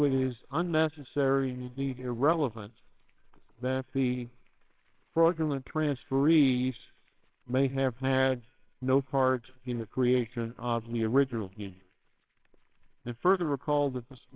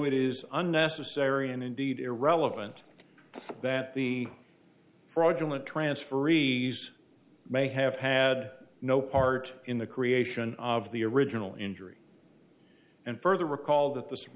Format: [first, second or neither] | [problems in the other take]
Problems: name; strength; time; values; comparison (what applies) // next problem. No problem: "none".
second | noise reduction (neural separator model SepFormer WHAMR!)